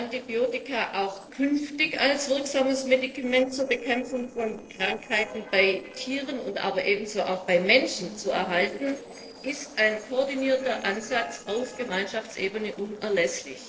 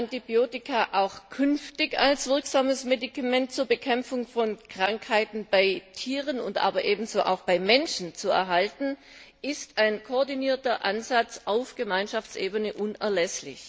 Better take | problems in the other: second | noise reduction (neural separator model SepFormer DNS4)

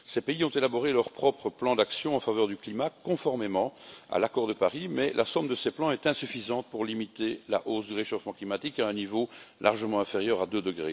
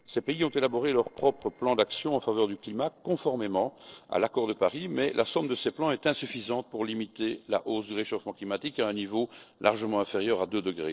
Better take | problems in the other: first | noise reduction (neural separator model SepFormer DNS4)

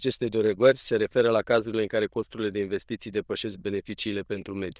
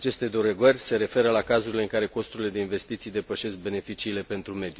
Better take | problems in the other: second | noise reduction (neural diffusion model UNIVERSE++)

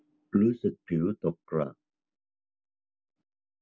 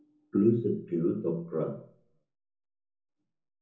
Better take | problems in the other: first | room echo; dies away in 0.5 s

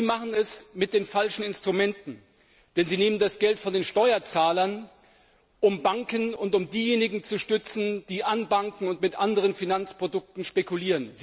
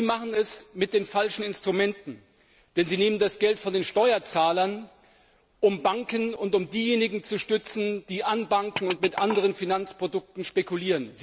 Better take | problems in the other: first | background sound (Glass); 12 dB below the speech

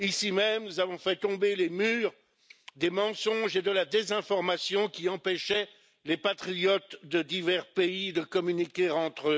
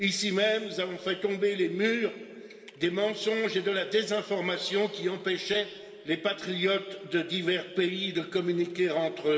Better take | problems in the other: first | room echo; dies away in 2.3 s

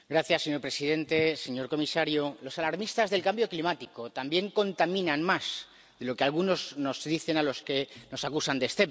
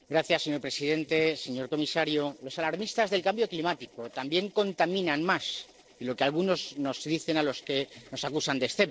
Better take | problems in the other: first | noise reduction (neural separator model SepFormer DNS4)

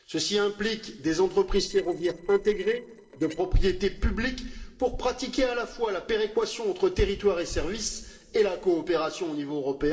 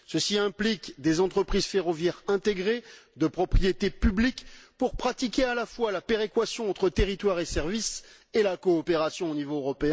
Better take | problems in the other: second | noise reduction (neural separator model SepFormer DNS4)

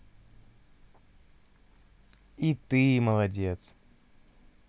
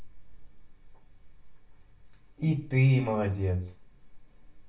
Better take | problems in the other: first | room echo; dies away in 0.3 s

